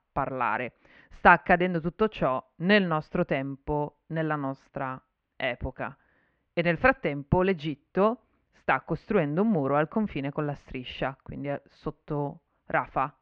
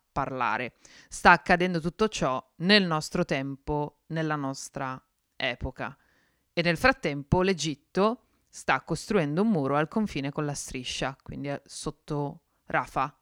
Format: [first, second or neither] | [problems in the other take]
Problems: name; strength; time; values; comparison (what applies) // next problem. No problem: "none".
second | muffled; very; fading above 2.5 kHz